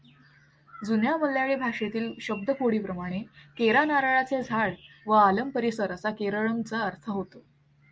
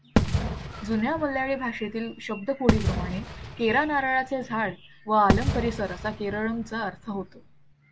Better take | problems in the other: first | background sound (Fireworks); 2 dB below the speech

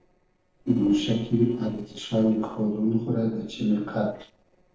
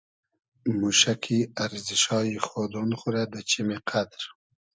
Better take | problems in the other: second | noise reduction (neural separator model SepFormer DNS4)

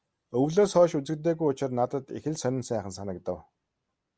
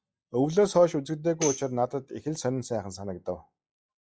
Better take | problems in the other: first | noise reduction (classical method log-MMSE)

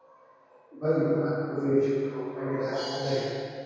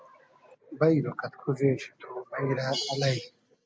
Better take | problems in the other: second | room echo; dies away in 2.2 s

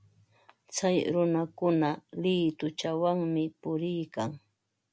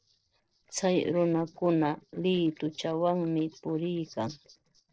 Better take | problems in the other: first | noise reduction (neural separator model SepFormer DNS4)

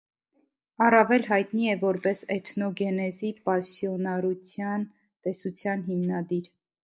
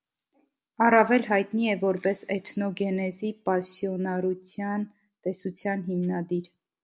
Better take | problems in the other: second | noise reduction (neural mask model Resemble Enhance denoiser)

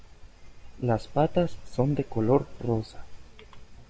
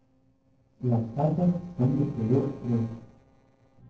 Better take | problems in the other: first | noise reduction (neural separator model SepFormer DNS4)

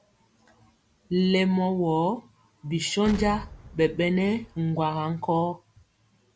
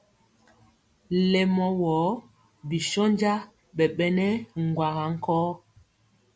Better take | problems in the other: second | background sound (Explosion); 13 dB below the speech

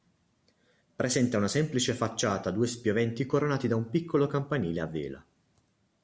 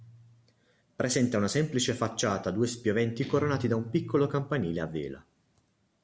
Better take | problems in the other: first | background sound (Guitar); 17 dB below the speech

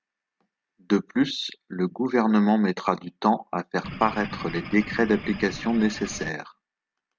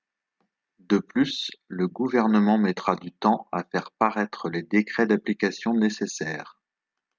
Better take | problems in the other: second | background sound (Engine / Boat, Water vehicle); 11 dB below the speech

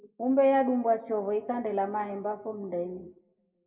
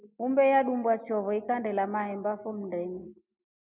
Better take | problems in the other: second | room echo; dies away in 0.5 s

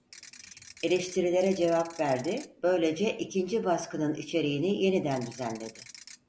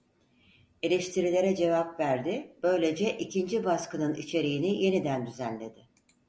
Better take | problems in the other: second | background sound (Ratchet, pawl / Percussion); 20 dB below the speech

